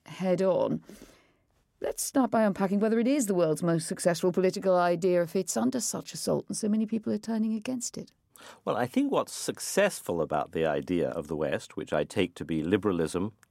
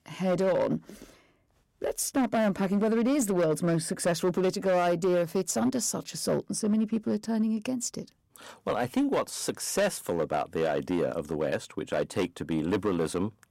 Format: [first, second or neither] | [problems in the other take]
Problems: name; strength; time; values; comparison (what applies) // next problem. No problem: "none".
first | distortion; slight; 8% of the sound clipped